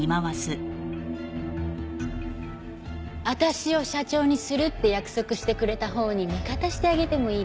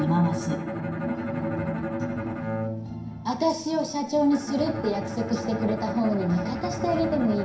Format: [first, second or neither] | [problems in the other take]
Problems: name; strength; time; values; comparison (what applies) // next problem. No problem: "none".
first | background sound (Bowed string instrument); 6 dB below the speech // room echo; dies away in 0.5 s